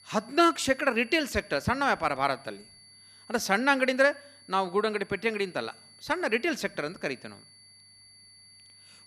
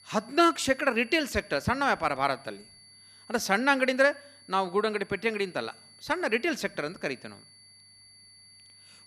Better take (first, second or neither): neither